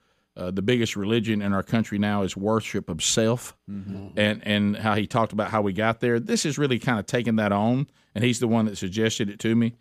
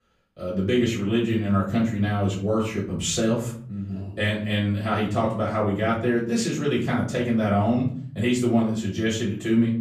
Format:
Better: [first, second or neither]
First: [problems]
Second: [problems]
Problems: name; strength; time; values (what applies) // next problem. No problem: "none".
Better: first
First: none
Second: off-mic speech; far // room echo; slight; dies away in 0.7 s